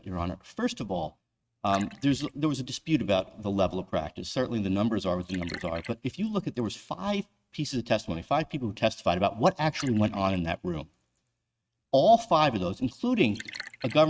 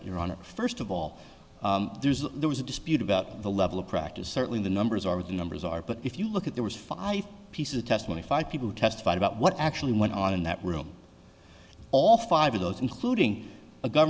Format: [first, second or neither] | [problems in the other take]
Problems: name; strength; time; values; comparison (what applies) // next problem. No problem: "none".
second | noise reduction (neural mask model RNNoise)